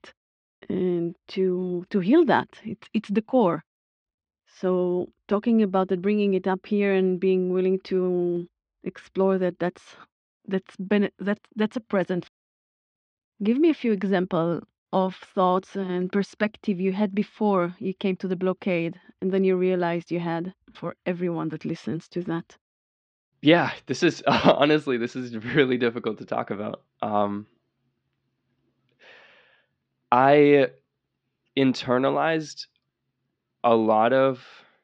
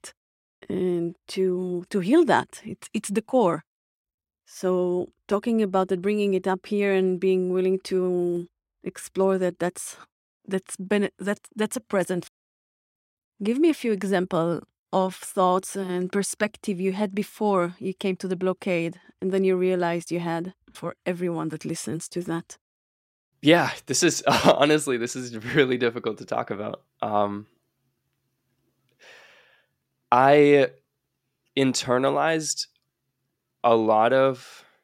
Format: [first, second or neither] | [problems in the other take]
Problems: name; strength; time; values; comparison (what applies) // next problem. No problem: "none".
second | muffled; slightly; fading above 4.5 kHz